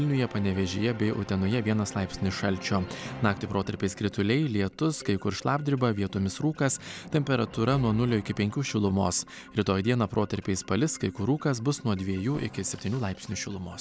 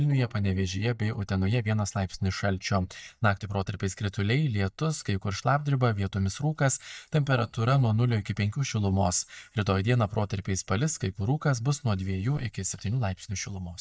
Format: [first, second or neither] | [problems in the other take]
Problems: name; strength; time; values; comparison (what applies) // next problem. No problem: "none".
first | noise reduction (neural mask model DeepFilterNet 3)